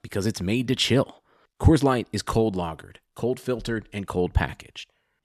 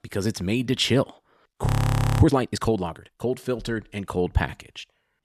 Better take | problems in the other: first | audio freezing; at 1.5 s for 0.5 s

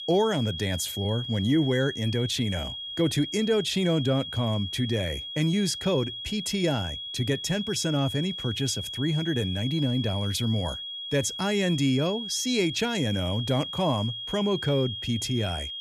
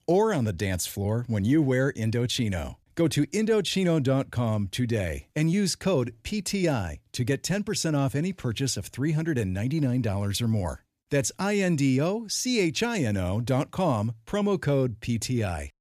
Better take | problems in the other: second | high-pitched whine; loud; throughout; 3.5 kHz, 6 dB below the speech

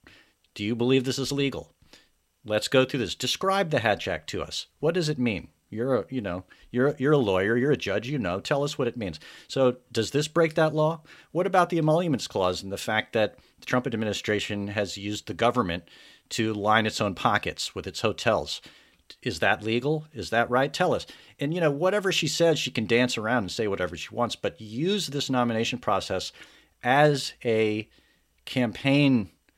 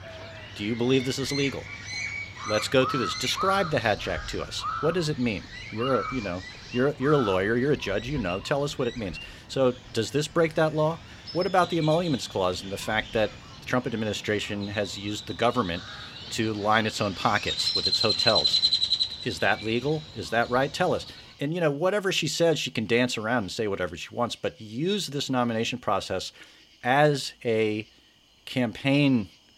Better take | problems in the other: first | animal sounds; loud; throughout; 4 dB below the speech

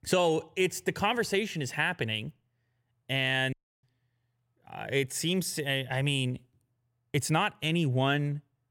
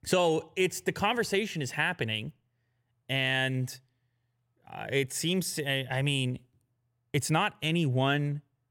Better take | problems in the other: second | audio cutting out; at 3.5 s

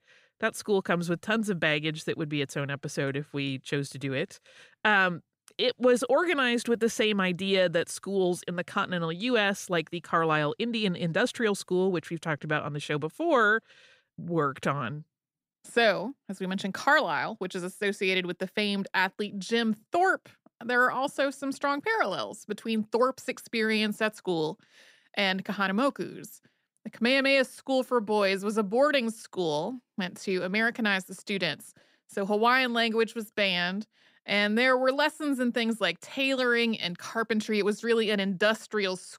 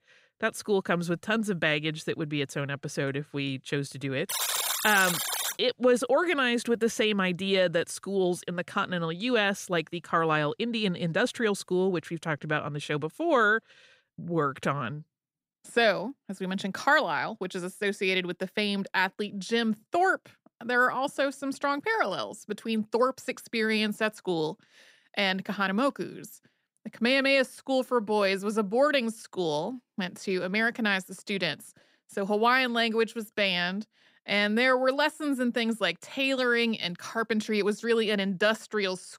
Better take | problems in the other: first | alarm; loud; from 4.5 to 5.5 s; peak 1 dB above the speech

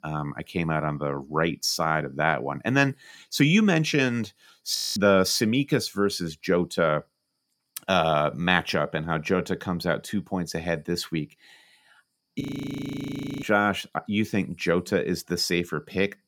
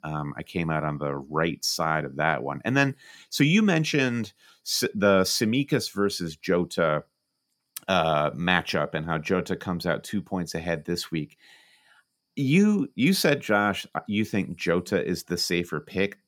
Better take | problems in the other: second | audio freezing; at 5 s and at 12 s for 1 s

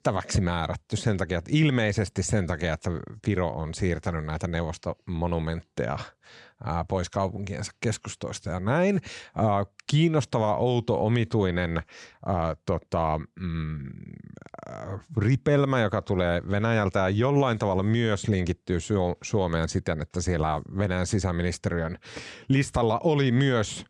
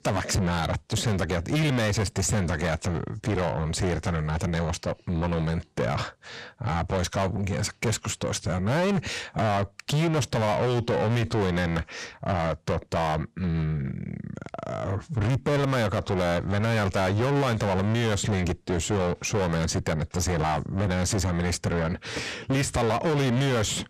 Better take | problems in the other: first | distortion; heavy; 5 dB below the speech

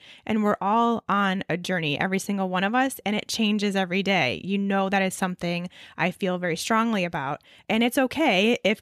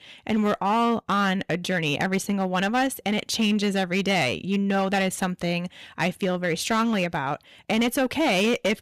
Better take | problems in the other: first | distortion; slight; 9% of the sound clipped

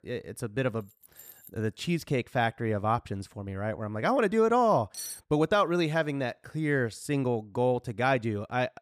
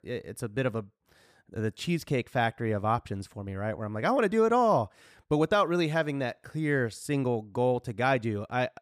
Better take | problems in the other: second | jangling keys; faint; at 1 s; peak 20 dB below the speech // clattering dishes; noticeable; at 5 s; peak 9 dB below the speech

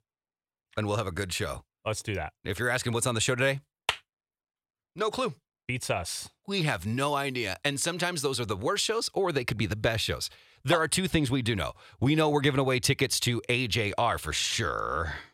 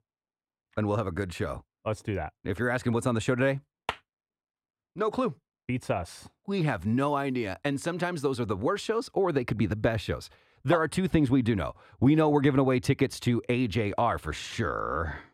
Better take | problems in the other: first | muffled; slightly; fading above 2 kHz

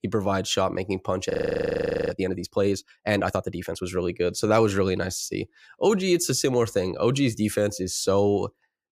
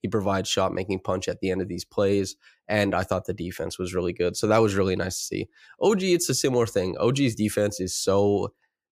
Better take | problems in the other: second | audio freezing; at 1.5 s for 1 s

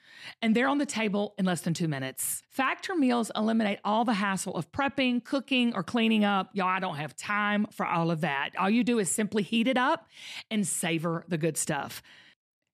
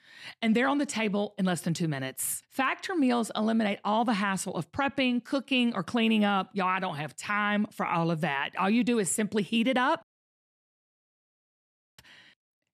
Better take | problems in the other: first | audio cutting out; at 10 s for 2 s

